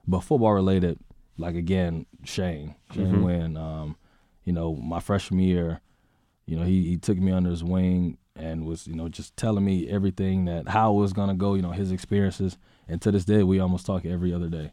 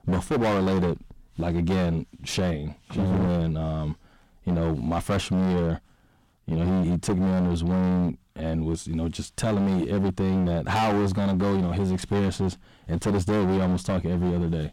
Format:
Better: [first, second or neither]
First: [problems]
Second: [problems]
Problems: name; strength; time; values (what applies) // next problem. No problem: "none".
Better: first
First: none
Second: distortion; heavy; 24% of the sound clipped